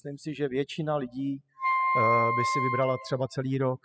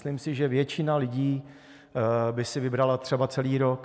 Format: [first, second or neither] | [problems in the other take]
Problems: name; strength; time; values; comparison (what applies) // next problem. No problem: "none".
second | noise reduction (classical method spectral subtraction)